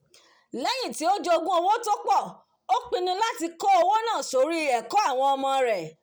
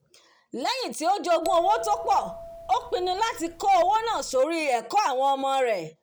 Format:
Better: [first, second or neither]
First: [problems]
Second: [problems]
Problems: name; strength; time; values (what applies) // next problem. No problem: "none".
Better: first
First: none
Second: background sound (Bell); 11 dB below the speech